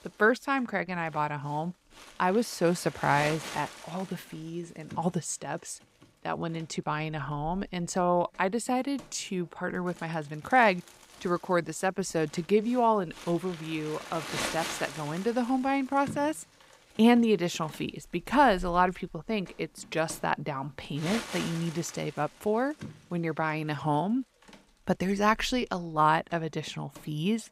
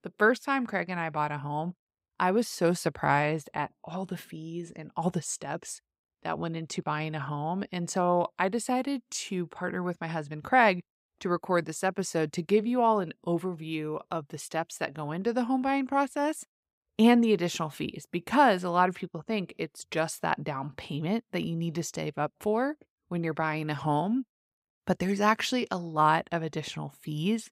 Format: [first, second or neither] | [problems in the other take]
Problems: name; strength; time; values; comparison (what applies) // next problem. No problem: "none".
second | household noises; noticeable; throughout; 15 dB below the speech